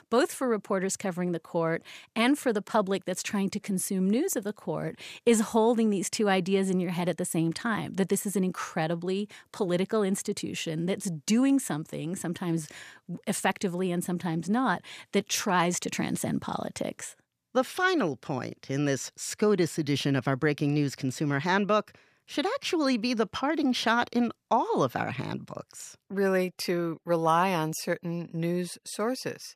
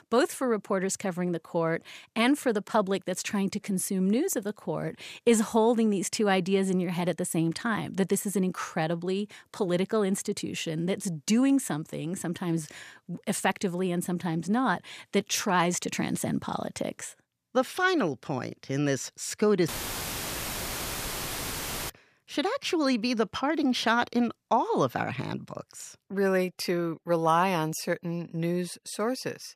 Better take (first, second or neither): first